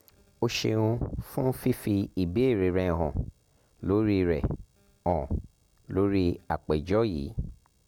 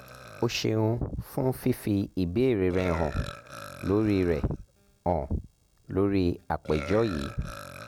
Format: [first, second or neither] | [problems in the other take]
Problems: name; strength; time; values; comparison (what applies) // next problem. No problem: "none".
first | background sound (Burping, eructation); 16 dB below the speech